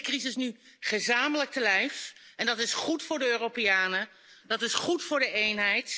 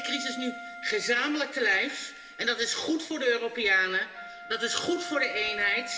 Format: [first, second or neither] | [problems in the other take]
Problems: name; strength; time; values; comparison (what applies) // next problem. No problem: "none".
first | background sound (Wind instrument, woodwind instrument); 14 dB below the speech // room echo; dies away in 1.9 s